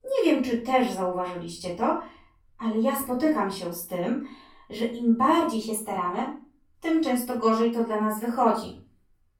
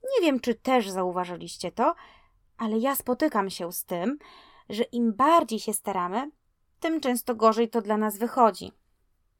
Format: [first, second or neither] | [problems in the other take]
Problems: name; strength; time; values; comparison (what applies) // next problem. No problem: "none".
second | off-mic speech; far // room echo; slight; dies away in 0.3 s